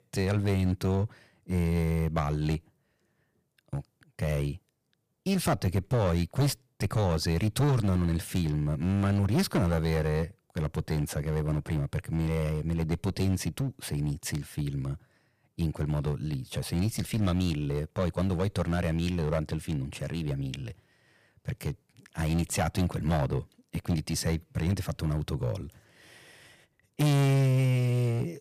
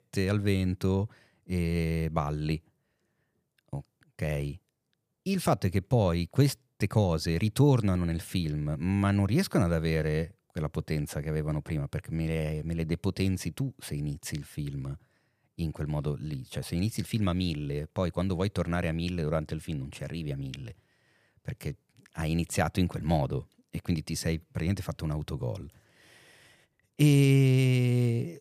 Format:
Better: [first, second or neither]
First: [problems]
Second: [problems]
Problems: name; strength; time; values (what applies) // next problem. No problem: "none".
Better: second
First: distortion; heavy; 9% of the sound clipped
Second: none